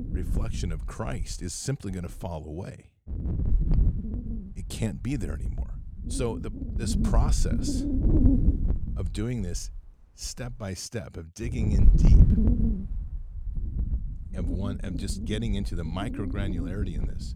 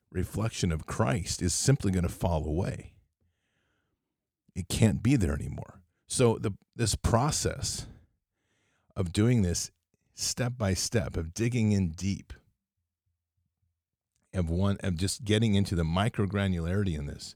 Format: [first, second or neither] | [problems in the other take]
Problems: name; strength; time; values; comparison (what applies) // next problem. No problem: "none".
second | wind noise on the microphone; heavy; 1 dB below the speech